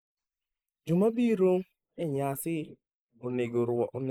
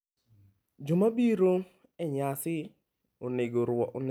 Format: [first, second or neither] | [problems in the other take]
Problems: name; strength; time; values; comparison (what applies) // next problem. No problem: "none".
second | noise reduction (neural mask model Resemble Enhance denoiser)